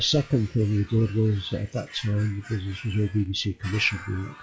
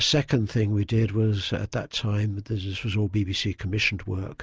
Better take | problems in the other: second | noise reduction (classical method log-MMSE)

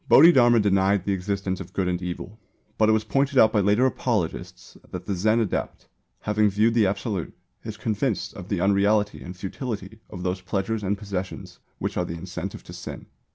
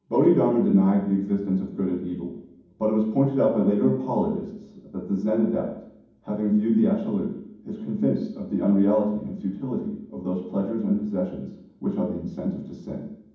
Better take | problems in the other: first | room echo; dies away in 1.2 s

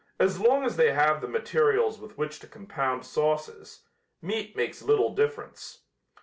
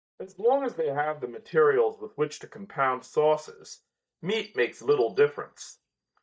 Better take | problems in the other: first | noise reduction (neural mask model DeepFilterNet 3)

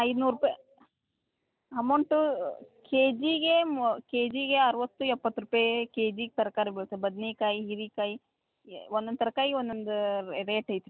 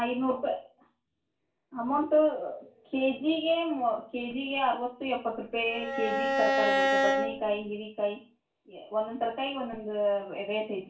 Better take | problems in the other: first | background sound (Bowed string instrument); 2 dB above the speech // room echo; dies away in 0.3 s

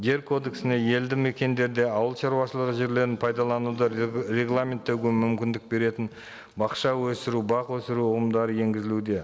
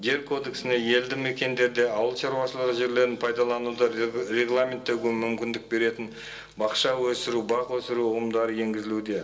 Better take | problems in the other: first | room echo; dies away in 0.2 s

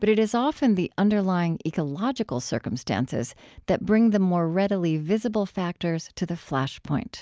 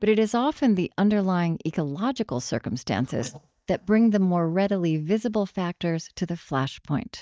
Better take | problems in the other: first | noise reduction (neural mask model DeepFilterNet 3)

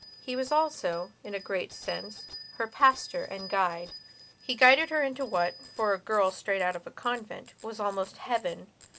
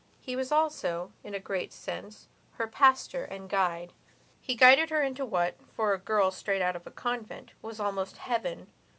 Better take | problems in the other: second | background sound (Bicycle bell); 19 dB below the speech

